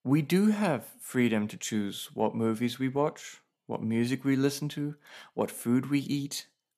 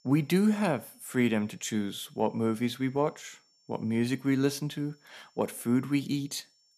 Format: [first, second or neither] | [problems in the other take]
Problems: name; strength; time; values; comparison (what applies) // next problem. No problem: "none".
first | high-pitched whine; faint; throughout; 5.5 kHz, 35 dB below the speech